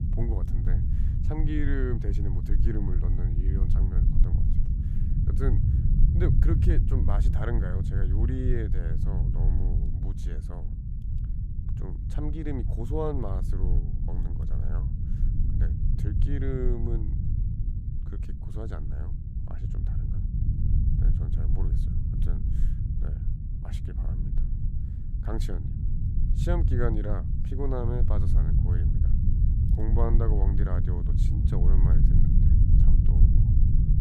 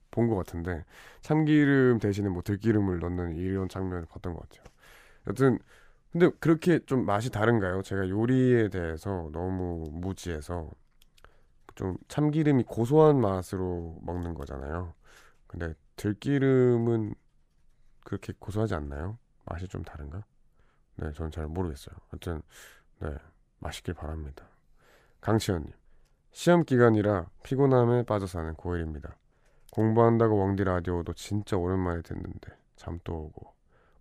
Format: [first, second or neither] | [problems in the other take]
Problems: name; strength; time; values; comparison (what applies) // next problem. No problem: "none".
second | low rumble; loud; throughout; 3 dB below the speech